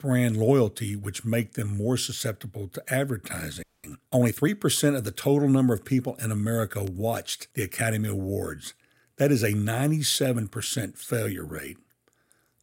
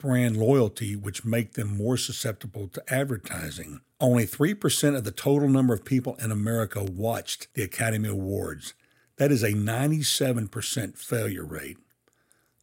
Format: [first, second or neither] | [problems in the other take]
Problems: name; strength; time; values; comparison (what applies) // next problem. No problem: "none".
second | audio freezing; at 3.5 s